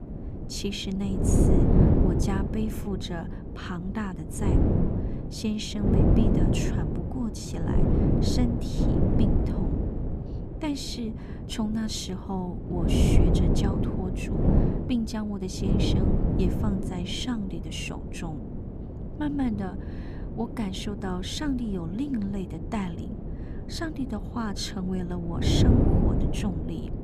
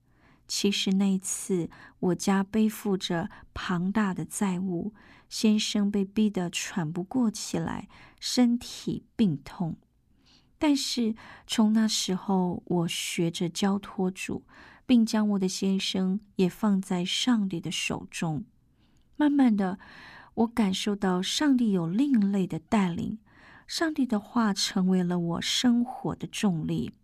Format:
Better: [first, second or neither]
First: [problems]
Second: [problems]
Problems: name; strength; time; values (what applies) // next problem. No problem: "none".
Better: second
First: wind noise on the microphone; heavy; 1 dB above the speech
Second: none